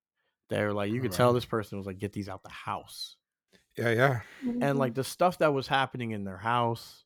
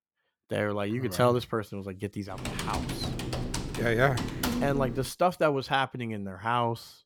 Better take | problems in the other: first | keyboard typing; noticeable; from 2.5 to 5 s; peak 3 dB below the speech

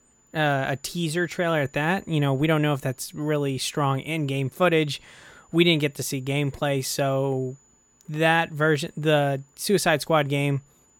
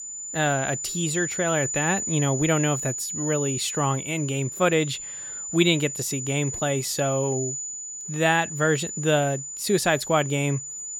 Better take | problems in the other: first | high-pitched whine; loud; throughout; 7 kHz, 5 dB below the speech; faint in the first

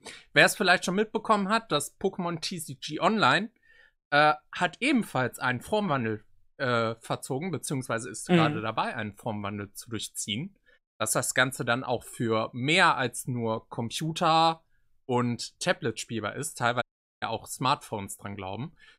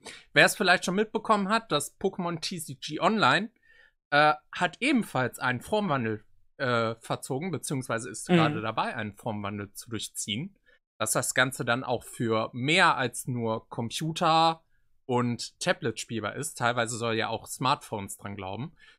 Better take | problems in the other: second | audio cutting out; at 17 s

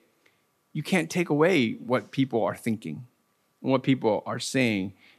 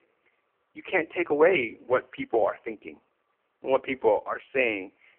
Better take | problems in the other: first | phone-call audio; poor line; nothing above 3 kHz

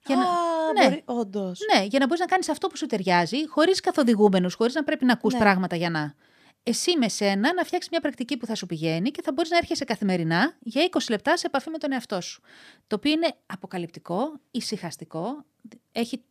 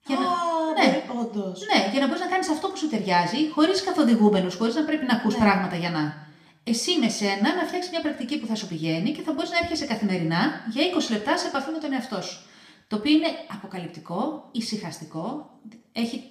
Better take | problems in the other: first | room echo; slight; dies away in 0.6 s // off-mic speech; somewhat distant

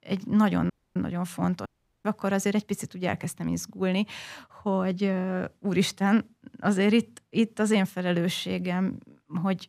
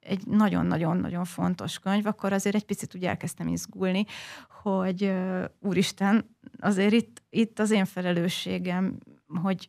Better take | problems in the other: second | audio cutting out; at 0.5 s and at 1.5 s

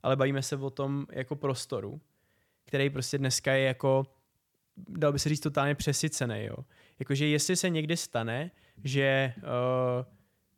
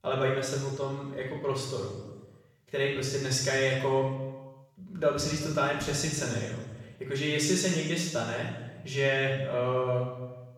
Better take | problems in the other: first | room echo; noticeable; dies away in 1 s // off-mic speech; far

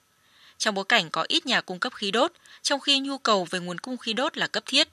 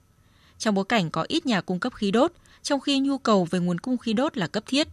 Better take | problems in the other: second | thin; somewhat; fading below 850 Hz

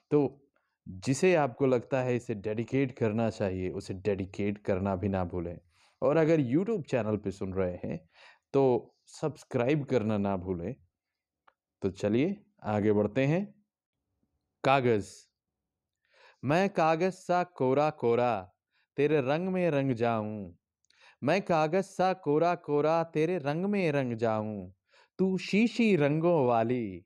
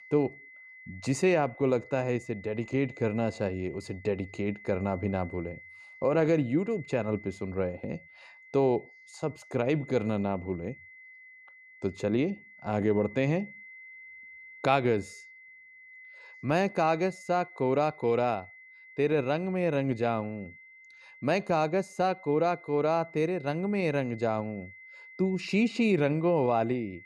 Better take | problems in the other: first | high-pitched whine; noticeable; throughout; 2 kHz, 20 dB below the speech

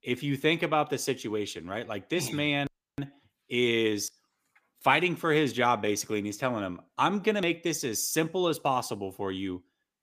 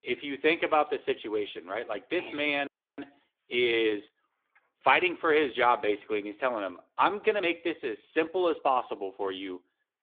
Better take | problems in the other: first | phone-call audio; nothing above 3.5 kHz

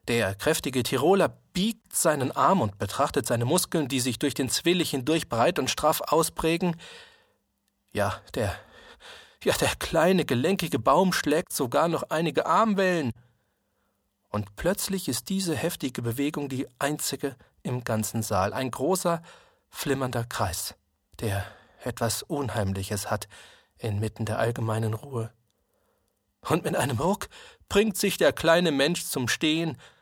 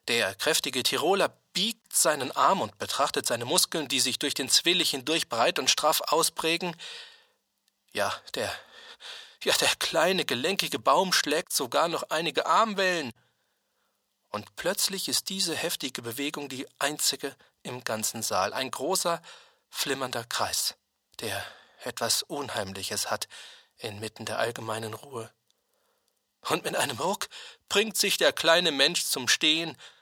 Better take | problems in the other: first | thin; somewhat; fading below 550 Hz

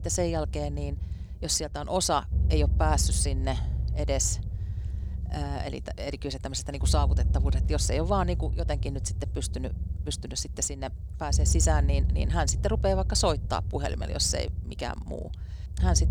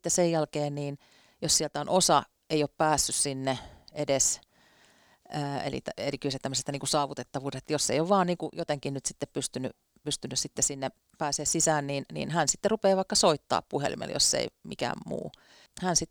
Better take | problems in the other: second | low rumble; noticeable; throughout; 15 dB below the speech

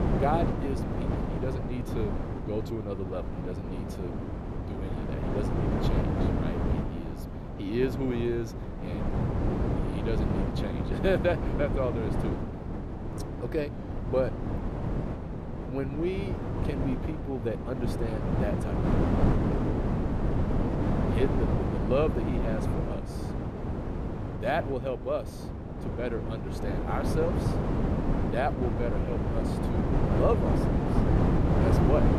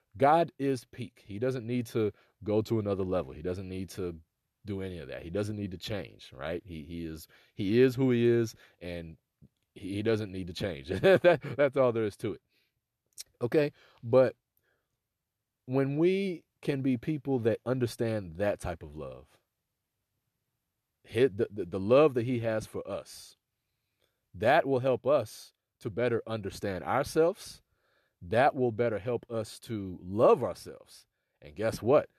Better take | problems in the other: second | wind noise on the microphone; heavy; 2 dB below the speech

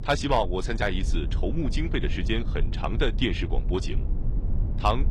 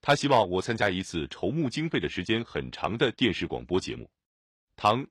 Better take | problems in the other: second | low rumble; noticeable; throughout; 15 dB below the speech

